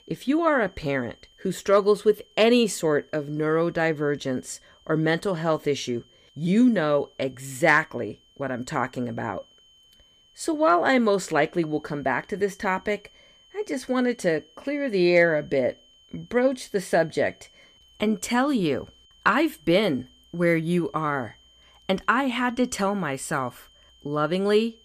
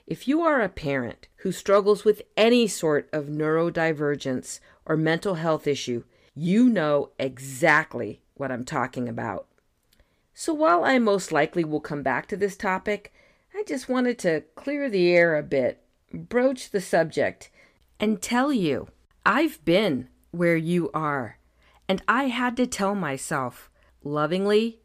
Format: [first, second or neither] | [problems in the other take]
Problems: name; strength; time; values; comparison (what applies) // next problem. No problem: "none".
second | high-pitched whine; faint; throughout; 3 kHz, 30 dB below the speech